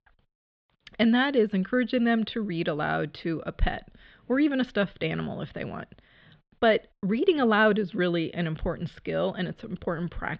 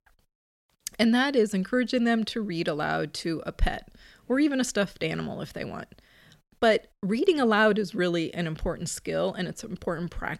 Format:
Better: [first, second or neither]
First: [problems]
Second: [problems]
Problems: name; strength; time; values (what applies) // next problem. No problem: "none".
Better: second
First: muffled; slightly; fading above 3.5 kHz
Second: none